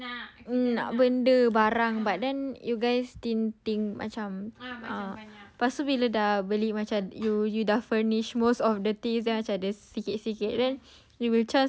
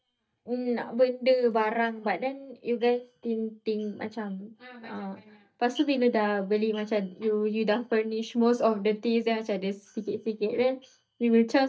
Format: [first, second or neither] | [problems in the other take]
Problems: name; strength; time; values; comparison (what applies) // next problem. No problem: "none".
first | noise reduction (neural mask model DeepFilterNet 3)